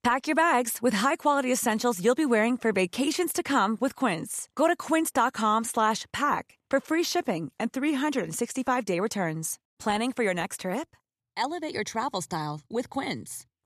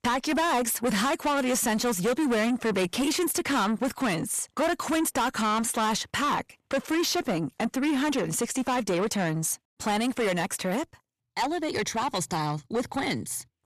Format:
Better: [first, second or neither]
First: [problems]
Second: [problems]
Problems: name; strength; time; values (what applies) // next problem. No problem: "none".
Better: first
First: none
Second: distortion; heavy; 7 dB below the speech